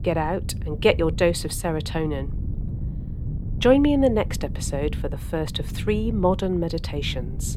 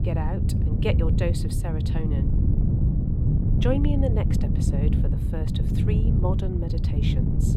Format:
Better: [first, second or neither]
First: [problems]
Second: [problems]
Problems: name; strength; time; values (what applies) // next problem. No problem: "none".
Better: first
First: wind noise on the microphone; occasional gusts; 20 dB below the speech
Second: wind noise on the microphone; heavy; 2 dB below the speech